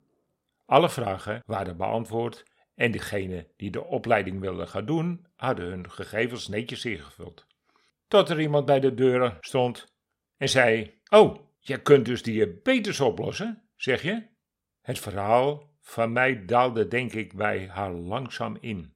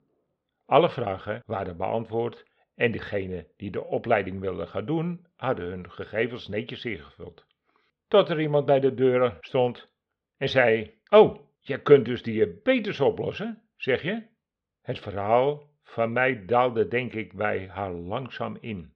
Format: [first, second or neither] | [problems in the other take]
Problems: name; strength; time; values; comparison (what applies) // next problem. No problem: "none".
first | muffled; slightly; fading above 3.5 kHz